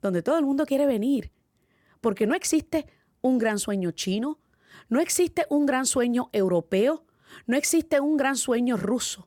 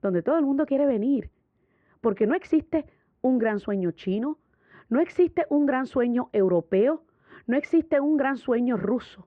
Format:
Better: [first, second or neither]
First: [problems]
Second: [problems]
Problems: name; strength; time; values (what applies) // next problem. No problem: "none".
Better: first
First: none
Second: muffled; very; fading above 2 kHz